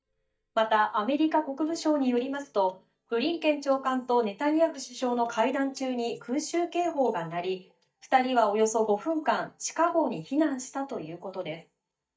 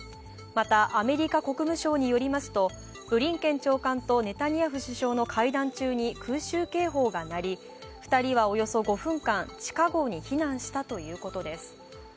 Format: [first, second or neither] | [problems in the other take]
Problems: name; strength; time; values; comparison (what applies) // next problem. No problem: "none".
second | noise reduction (neural mask model DeepFilterNet 3)